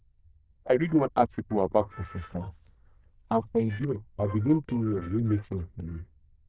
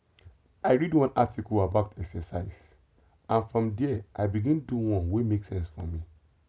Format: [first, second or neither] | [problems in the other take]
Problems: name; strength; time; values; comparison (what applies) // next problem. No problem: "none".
second | noise reduction (neural diffusion model UNIVERSE++)